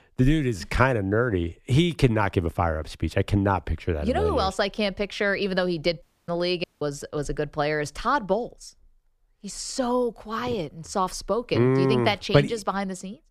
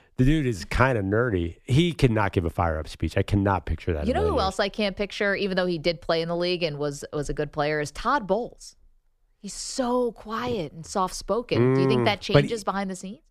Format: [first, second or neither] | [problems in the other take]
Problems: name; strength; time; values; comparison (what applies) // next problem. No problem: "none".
second | audio cutting out; at 6 s and at 6.5 s